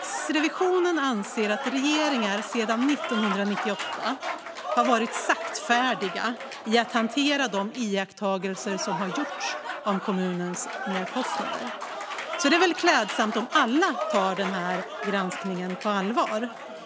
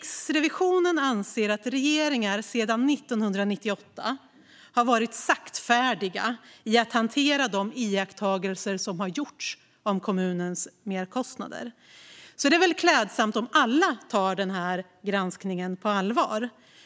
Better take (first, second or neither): second